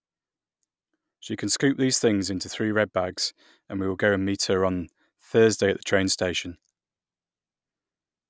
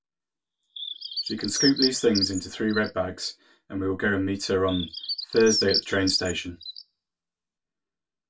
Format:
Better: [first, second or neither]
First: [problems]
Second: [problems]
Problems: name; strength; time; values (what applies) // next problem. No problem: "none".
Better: first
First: none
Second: background sound (Bird); 5 dB below the speech // room echo; dies away in 0.2 s